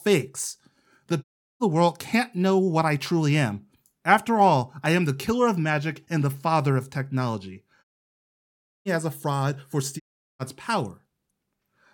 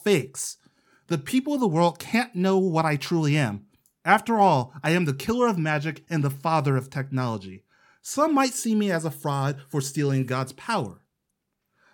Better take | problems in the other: second | audio cutting out; at 1 s, at 8 s for 1 s and at 10 s

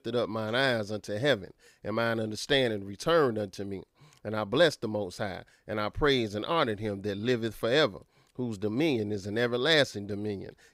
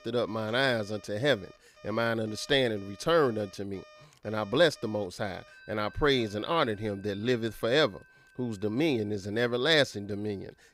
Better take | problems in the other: first | alarms or sirens; faint; throughout; 25 dB below the speech

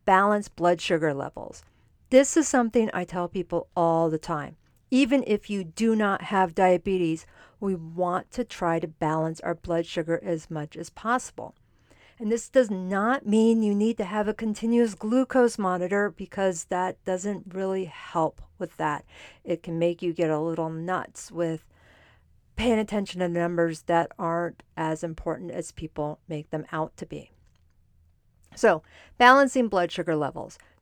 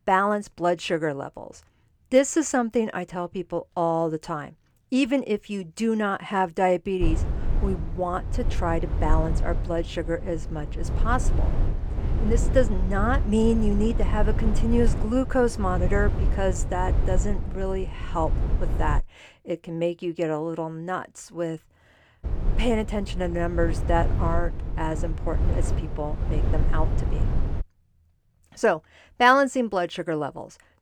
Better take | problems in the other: first | low rumble; noticeable; from 7 to 19 s and from 22 to 28 s; 15 dB below the speech

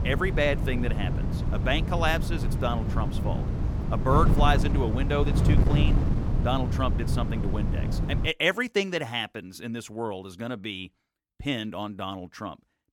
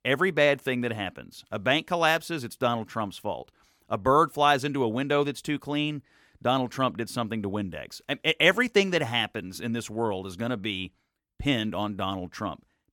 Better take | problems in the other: second | wind noise on the microphone; heavy; until 8.5 s; 7 dB below the speech

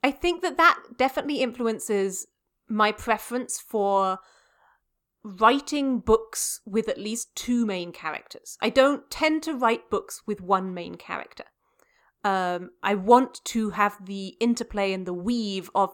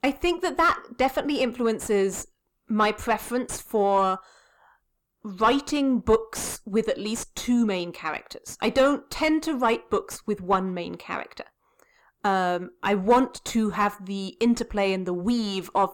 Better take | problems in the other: first | distortion; slight; 9 dB below the speech

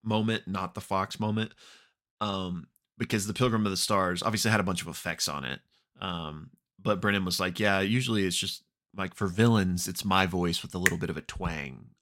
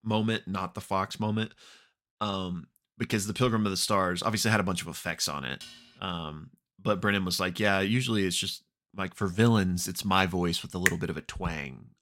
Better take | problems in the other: first | clattering dishes; faint; at 5.5 s; peak 15 dB below the speech

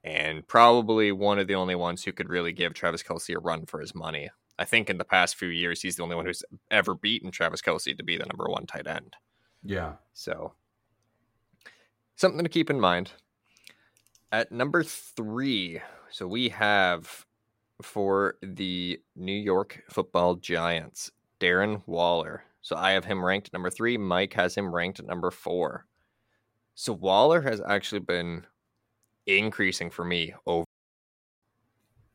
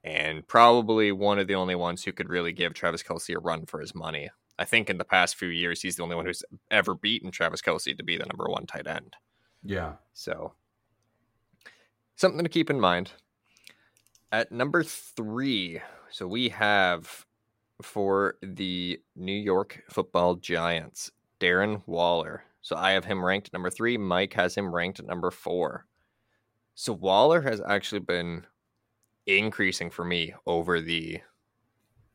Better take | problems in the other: second | audio cutting out; at 31 s for 1 s

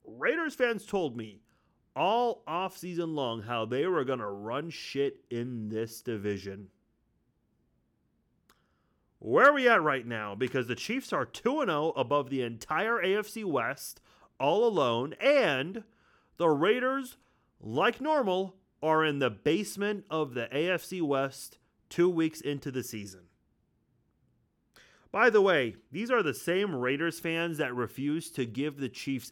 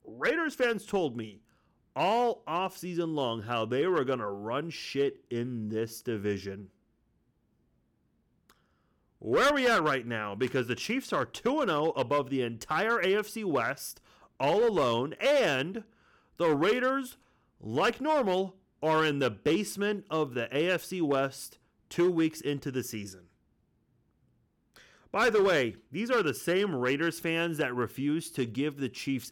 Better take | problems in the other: first | distortion; slight; 3% of the sound clipped

